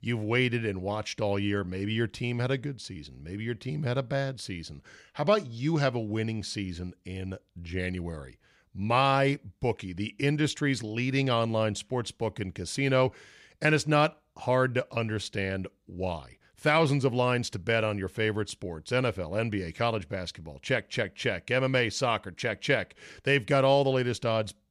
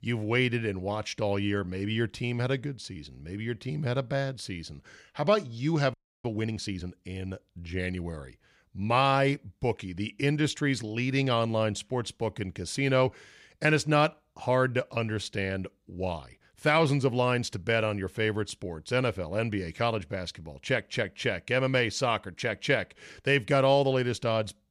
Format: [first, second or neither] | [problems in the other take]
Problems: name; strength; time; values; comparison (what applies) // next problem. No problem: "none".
first | audio freezing; at 6 s